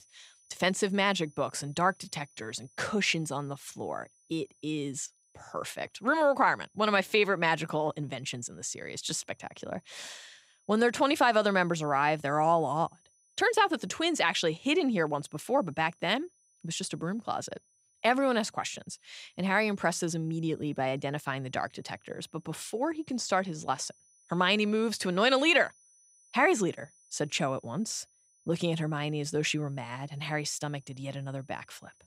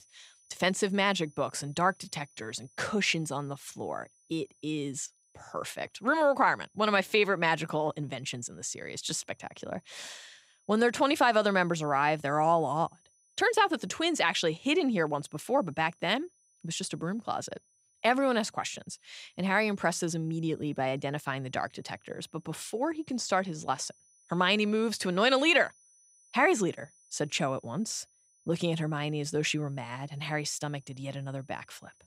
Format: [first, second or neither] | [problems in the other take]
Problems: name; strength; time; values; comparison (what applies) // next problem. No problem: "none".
neither | high-pitched whine; faint; throughout; 6 kHz, 35 dB below the speech; the same in both